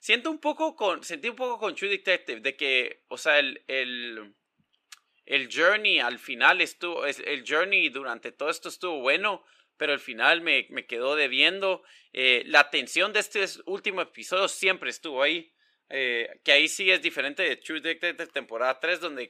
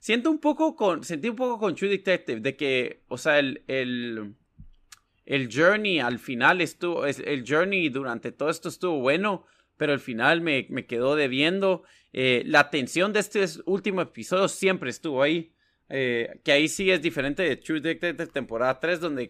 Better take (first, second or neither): second